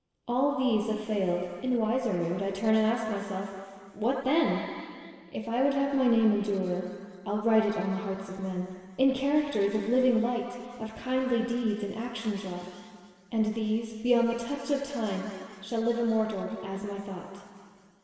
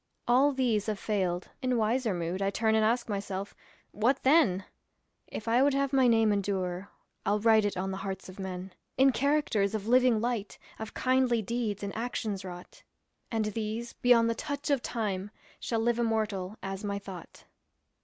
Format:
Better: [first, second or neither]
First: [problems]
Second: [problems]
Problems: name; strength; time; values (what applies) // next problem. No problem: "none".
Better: second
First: room echo; dies away in 2.2 s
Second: none